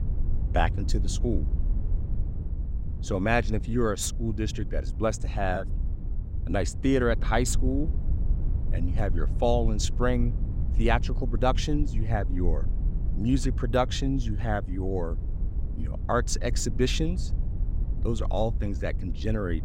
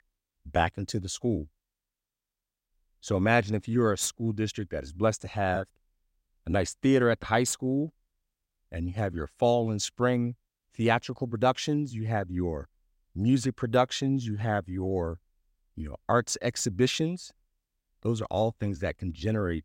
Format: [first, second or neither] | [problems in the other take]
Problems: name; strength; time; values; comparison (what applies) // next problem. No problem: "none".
second | wind noise on the microphone; occasional gusts; 15 dB below the speech